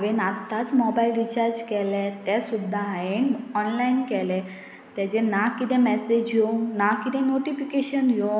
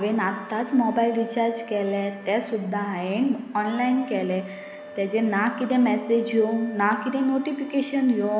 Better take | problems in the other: first | background sound (Wind instrument, woodwind instrument); 19 dB below the speech

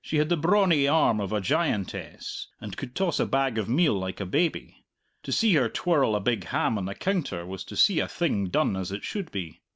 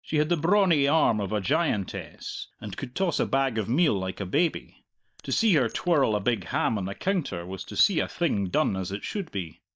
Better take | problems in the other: first | noise reduction (neural mask model DeepFilterNet 3)

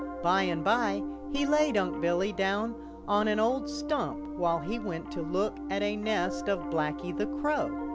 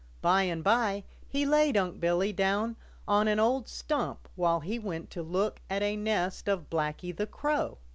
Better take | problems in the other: second | background sound (Piano); 6 dB below the speech

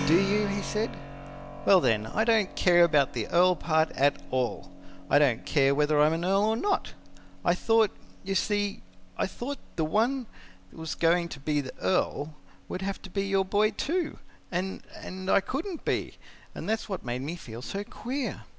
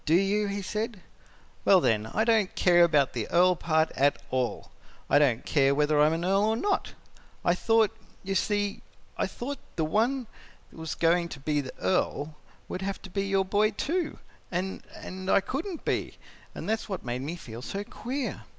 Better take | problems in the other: second | background sound (Keyboard (musical)); 16 dB below the speech

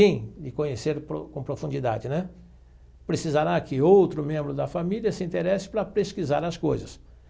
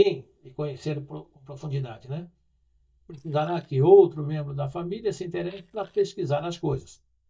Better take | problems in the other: first | noise reduction (neural mask model DeepFilterNet 3)

